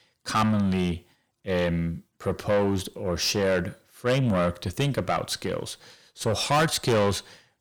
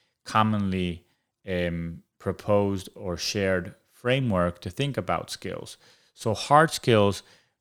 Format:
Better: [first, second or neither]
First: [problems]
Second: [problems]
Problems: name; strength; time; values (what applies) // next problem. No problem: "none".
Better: second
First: distortion; heavy; 5 dB below the speech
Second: none